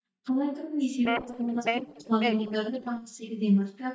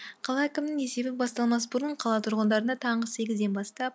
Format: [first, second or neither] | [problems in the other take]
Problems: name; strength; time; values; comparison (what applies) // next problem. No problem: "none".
second | noise reduction (neural mask model DeepFilterNet 3)